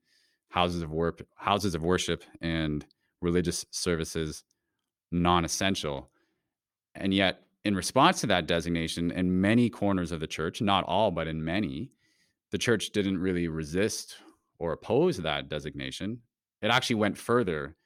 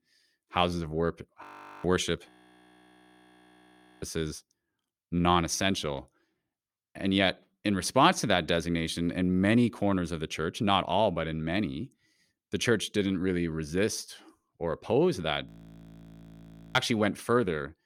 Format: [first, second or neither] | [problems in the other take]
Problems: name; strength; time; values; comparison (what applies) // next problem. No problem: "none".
first | audio freezing; at 1.5 s, at 2.5 s for 1.5 s and at 15 s for 1.5 s